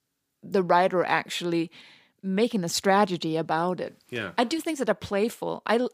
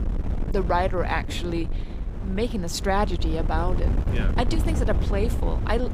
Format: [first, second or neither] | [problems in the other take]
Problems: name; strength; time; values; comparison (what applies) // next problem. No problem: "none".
first | wind noise on the microphone; occasional gusts; 10 dB below the speech